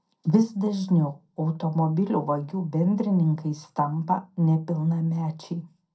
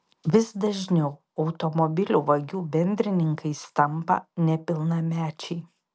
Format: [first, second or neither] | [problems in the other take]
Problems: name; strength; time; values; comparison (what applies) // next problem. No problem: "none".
second | room echo; dies away in 0.2 s